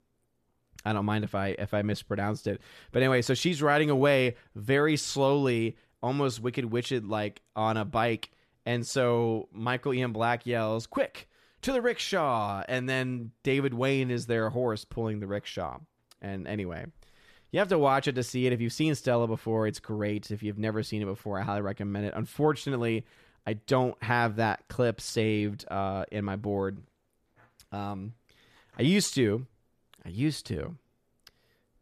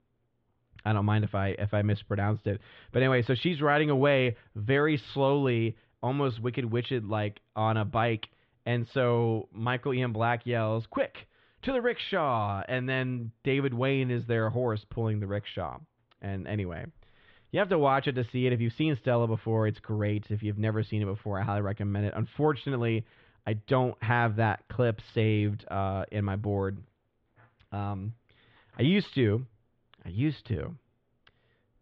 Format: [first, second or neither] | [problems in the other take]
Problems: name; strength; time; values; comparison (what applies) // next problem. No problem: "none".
first | muffled; very; fading above 3.5 kHz